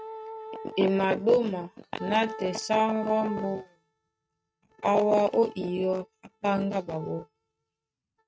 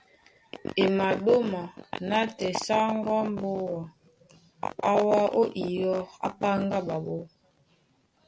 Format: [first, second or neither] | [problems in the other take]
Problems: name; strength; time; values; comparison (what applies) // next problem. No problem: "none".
second | noise reduction (neural mask model RNNoise)